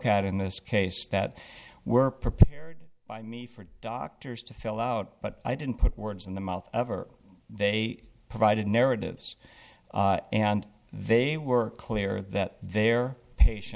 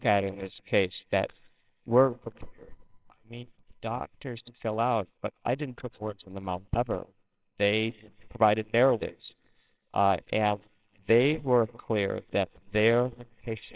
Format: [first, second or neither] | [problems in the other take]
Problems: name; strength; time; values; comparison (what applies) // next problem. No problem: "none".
first | noise reduction (neural separator model SepFormer WHAMR!)